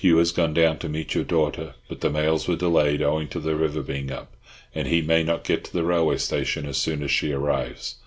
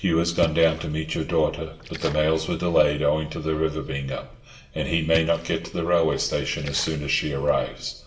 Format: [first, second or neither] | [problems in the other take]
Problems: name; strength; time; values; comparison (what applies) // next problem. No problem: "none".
first | background sound (Splash, splatter); 18 dB below the speech // room echo; dies away in 0.8 s